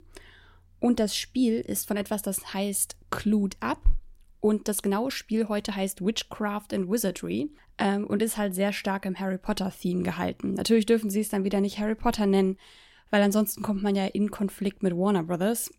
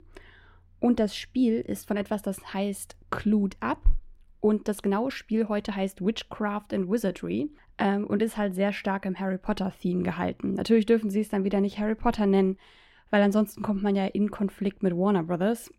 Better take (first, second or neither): first